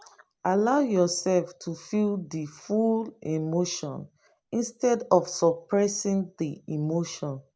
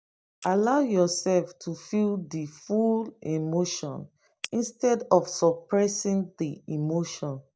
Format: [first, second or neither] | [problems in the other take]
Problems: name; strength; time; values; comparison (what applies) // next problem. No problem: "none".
first | noise reduction (neural mask model DeepFilterNet 3)